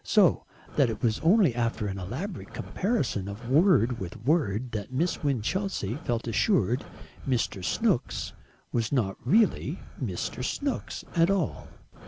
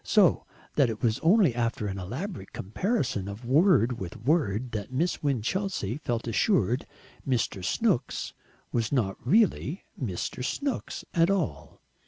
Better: second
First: background sound (Breathing); 17 dB below the speech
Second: none

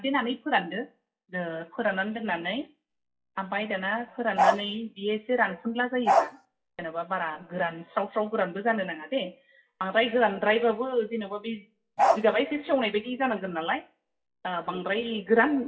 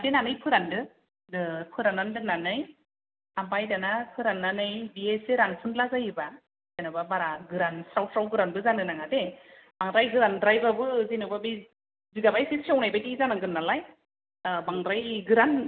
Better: second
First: noise reduction (classical method WPE with log-MMSE)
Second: none

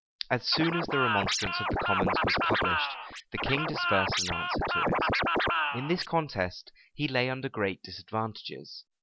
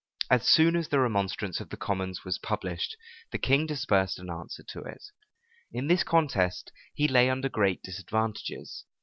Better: second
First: background sound (Scratching (performance technique)); 4 dB above the speech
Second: none

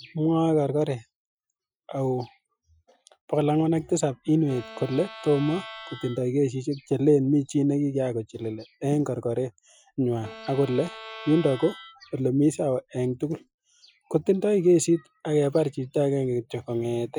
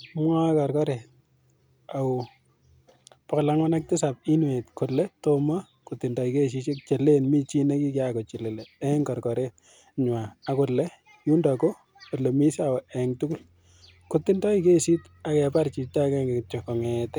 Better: second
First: noise reduction (classical method Wiener filter)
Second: none

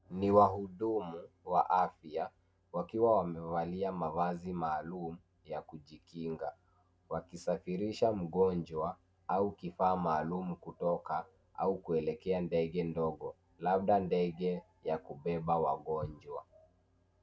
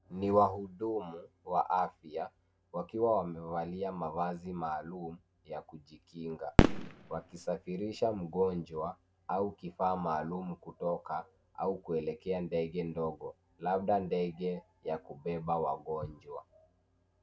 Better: first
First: none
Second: background sound (Fireworks); 5 dB above the speech

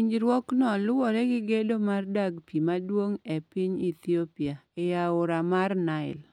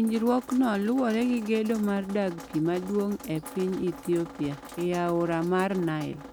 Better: first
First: none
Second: background sound (Drip); 17 dB below the speech

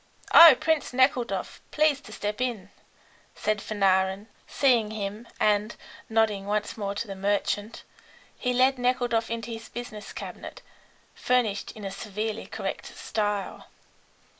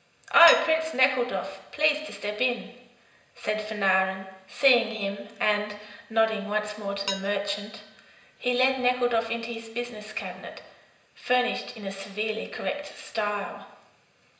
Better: first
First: none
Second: background sound (Dishes, pots, and pans); 15 dB below the speech // room echo; dies away in 0.9 s

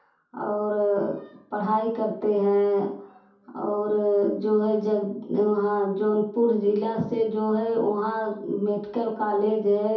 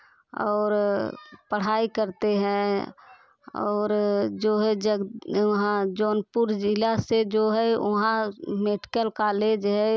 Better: second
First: room echo; dies away in 0.6 s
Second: none

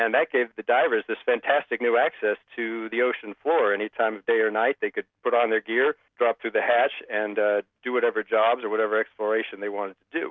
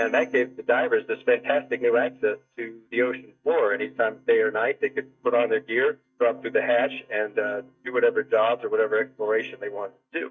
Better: first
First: none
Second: noise reduction (neural mask model DeepFilterNet 3)

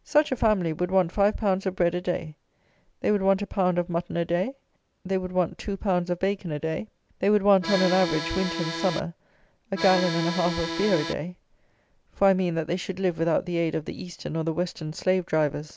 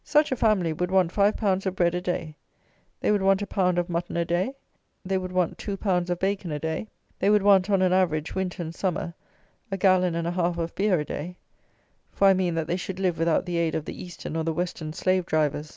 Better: second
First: background sound (Accordion); 5 dB below the speech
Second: none

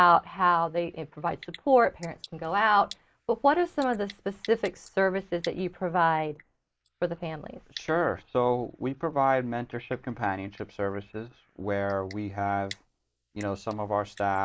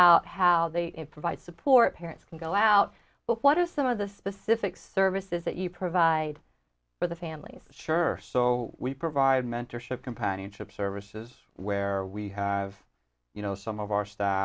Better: second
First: noise reduction (neural mask model Resemble Enhance denoiser)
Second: none

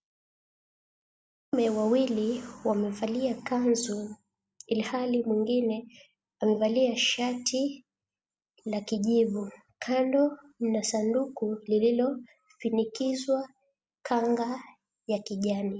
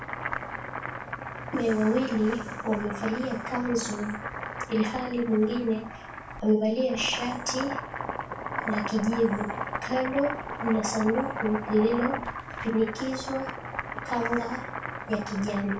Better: first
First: none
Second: background sound (Boiling); 6 dB below the speech // room echo; dies away in 0.3 s

